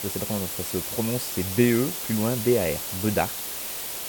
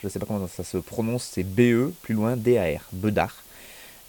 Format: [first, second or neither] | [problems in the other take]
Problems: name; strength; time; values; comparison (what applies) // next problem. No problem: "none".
second | hiss; loud; throughout; 3 dB below the speech; faint in the second